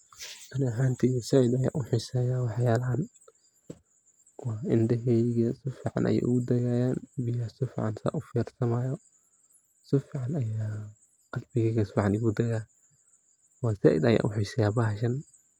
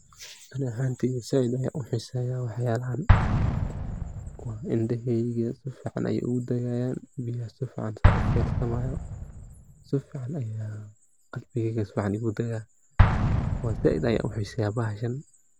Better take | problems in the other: first | background sound (Explosion); as loud as the speech

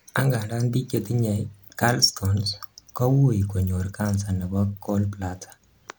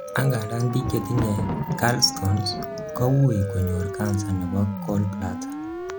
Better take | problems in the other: first | background sound (Thunder + Siren); 6 dB below the speech

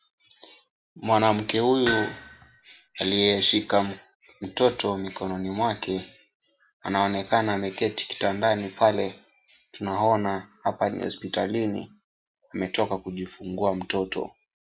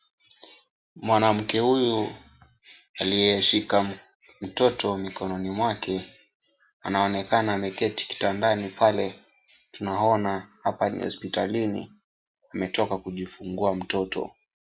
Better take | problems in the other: second | background sound (Hammer); 8 dB below the speech

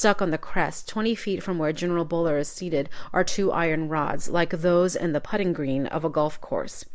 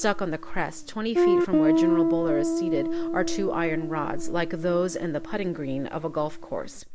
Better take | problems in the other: first | background sound (Guitar); 1 dB above the speech

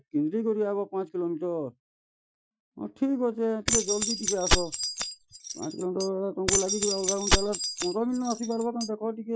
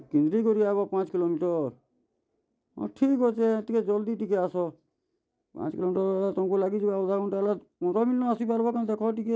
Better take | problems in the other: second | noise reduction (classical method Wiener filter)

